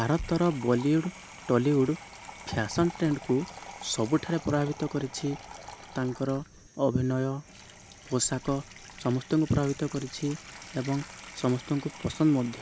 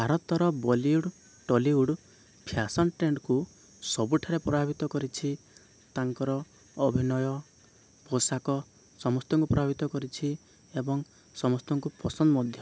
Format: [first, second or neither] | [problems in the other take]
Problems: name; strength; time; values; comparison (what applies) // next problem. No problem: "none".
second | background sound (Sink (filling or washing) / Water tap, faucet); 16 dB below the speech